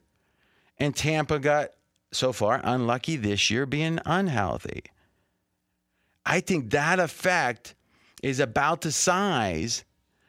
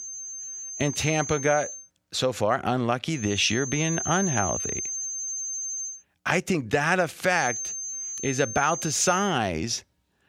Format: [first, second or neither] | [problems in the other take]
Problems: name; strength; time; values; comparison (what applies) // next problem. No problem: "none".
first | high-pitched whine; loud; until 2 s, from 3 to 6 s and from 7.5 to 9.5 s; 6.5 kHz, 5 dB below the speech